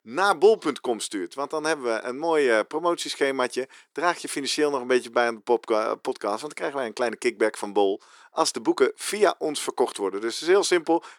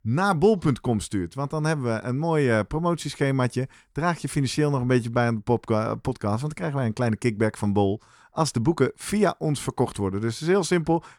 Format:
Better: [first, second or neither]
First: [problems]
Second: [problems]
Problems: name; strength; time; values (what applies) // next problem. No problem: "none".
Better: second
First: thin; somewhat; fading below 350 Hz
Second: none